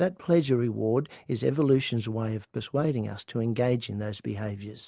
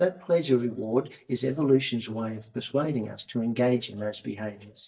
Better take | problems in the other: first | noise reduction (neural mask model DeepFilterNet 3)

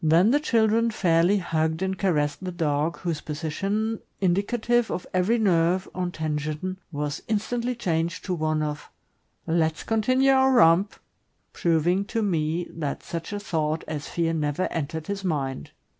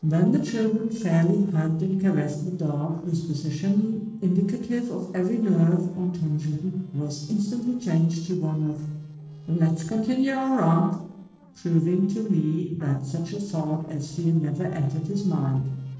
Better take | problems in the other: first | noise reduction (neural separator model SepFormer DNS4)

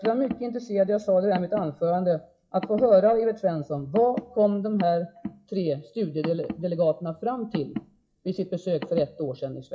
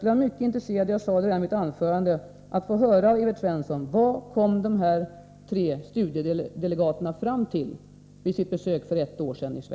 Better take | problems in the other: second | noise reduction (classical method WPE with log-MMSE)

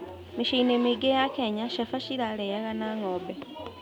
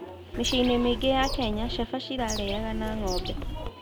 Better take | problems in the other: first | background sound (Bird); 4 dB below the speech

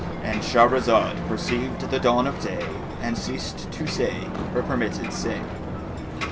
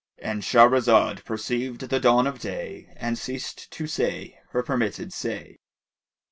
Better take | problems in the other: second | background sound (Ocean); 4 dB below the speech

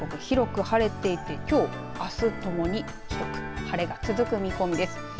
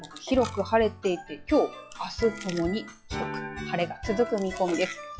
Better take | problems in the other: first | noise reduction (classical method log-MMSE)

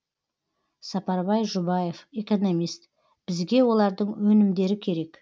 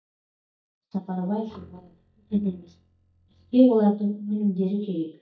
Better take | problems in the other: first | noise reduction (neural mask model DeepFilterNet 3)

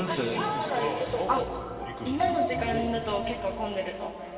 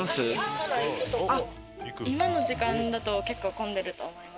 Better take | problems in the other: second | background sound (Brass instrument); 19 dB below the speech // room echo; dies away in 2.4 s

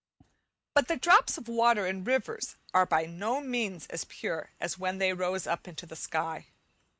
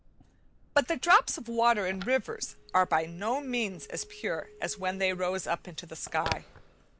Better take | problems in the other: first | background sound (Telephone); 16 dB below the speech

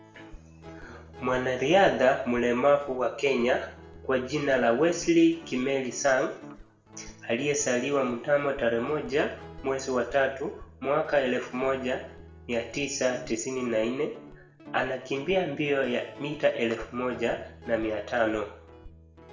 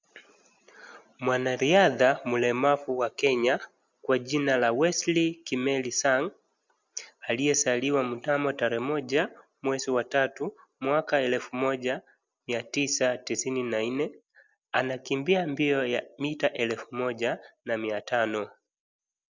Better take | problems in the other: second | background sound (Guitar); 19 dB below the speech // room echo; dies away in 0.6 s

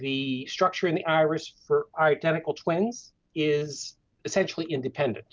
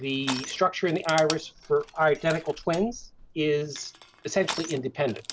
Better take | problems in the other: first | background sound (Crushing); 13 dB below the speech

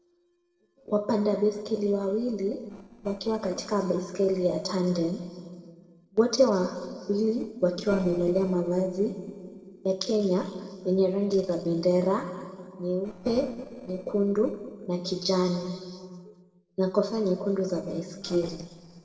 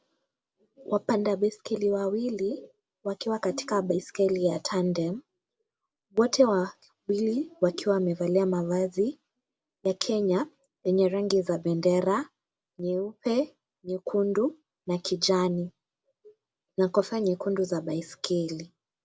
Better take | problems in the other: second | noise reduction (neural separator model SepFormer DNS4)

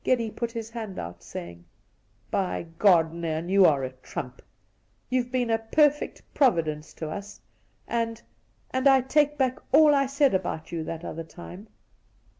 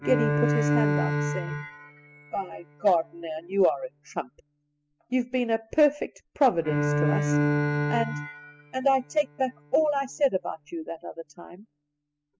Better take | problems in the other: first | noise reduction (classical method spectral subtraction)

